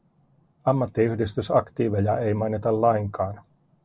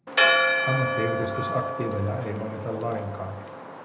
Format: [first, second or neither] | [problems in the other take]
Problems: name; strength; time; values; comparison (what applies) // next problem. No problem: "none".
first | background sound (Church bell); 4 dB above the speech // room echo; dies away in 0.8 s